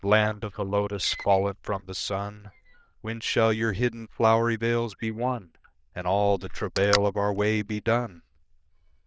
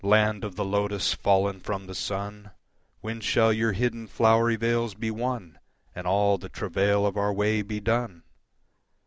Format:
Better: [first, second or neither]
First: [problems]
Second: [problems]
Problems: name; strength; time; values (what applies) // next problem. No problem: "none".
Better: second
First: noise reduction (neural diffusion model UNIVERSE++)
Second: none